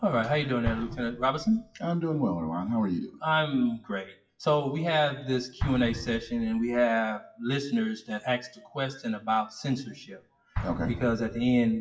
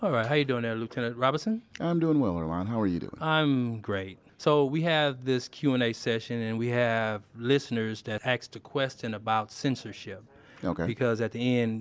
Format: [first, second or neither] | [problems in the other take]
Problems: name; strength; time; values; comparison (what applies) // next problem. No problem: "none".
second | noise reduction (classical method WPE with log-MMSE)